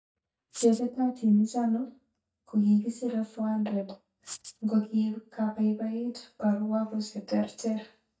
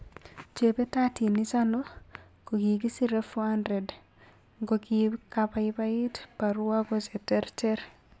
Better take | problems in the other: second | noise reduction (neural mask model DeepFilterNet 3)

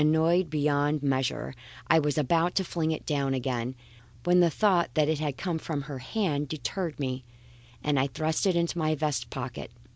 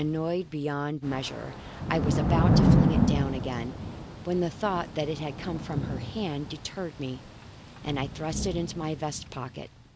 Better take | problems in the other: first | background sound (Thunder / Rain); 3 dB above the speech

